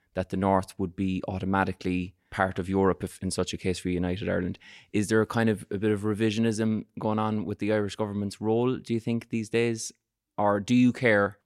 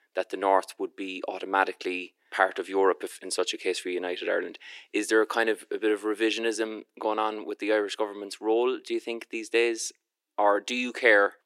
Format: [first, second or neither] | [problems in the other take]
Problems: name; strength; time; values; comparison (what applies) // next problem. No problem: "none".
first | thin; very; fading below 350 Hz